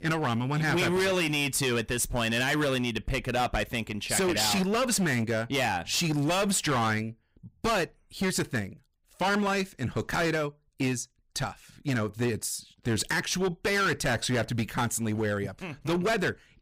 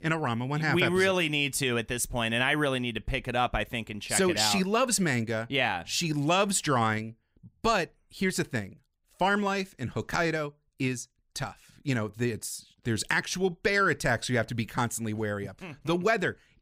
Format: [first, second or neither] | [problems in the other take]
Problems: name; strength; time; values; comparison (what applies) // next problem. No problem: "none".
second | distortion; heavy; 16% of the sound clipped